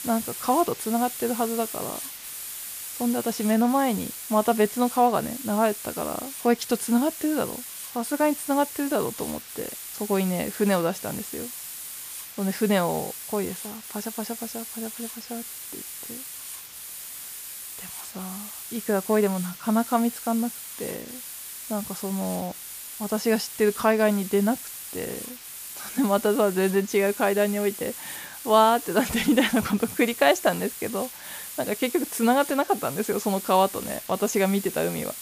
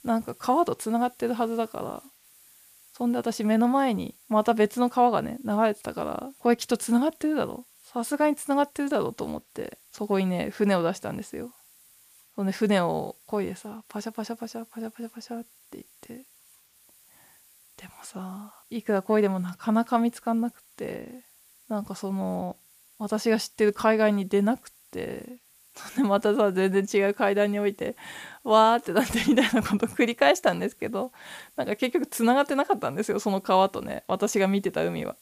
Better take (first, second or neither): second